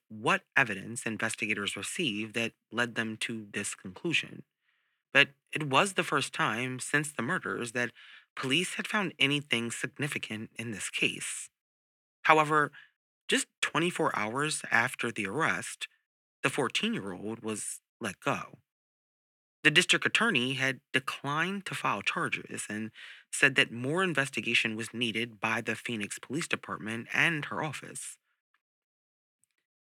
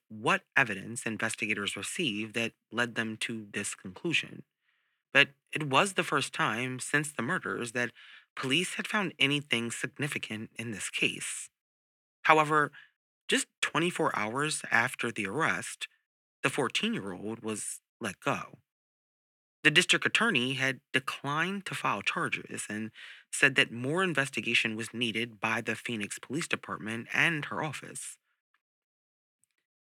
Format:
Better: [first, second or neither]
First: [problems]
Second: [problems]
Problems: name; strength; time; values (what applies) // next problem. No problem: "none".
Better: neither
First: thin; somewhat; fading below 650 Hz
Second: thin; somewhat; fading below 650 Hz